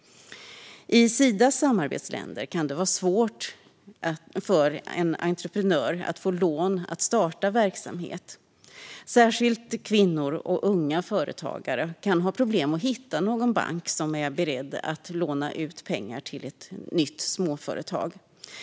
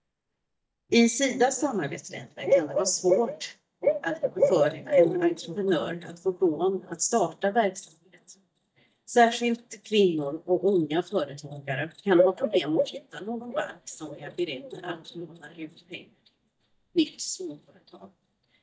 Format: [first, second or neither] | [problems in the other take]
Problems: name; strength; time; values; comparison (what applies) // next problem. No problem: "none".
first | noise reduction (neural mask model DeepFilterNet 3)